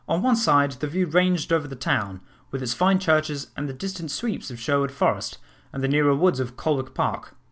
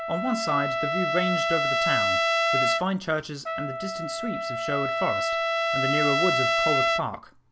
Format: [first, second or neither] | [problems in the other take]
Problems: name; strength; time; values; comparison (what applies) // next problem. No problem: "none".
first | background sound (Trumpet); 4 dB above the speech